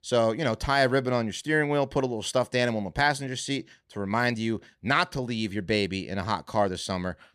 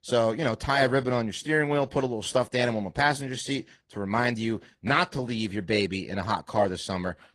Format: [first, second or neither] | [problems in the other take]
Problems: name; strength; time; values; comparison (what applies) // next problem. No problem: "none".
first | garbled, watery; slightly